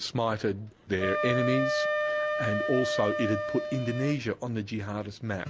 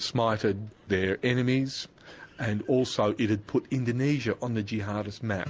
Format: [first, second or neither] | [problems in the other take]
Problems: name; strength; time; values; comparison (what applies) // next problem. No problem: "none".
second | background sound (Wind instrument, woodwind instrument); 2 dB below the speech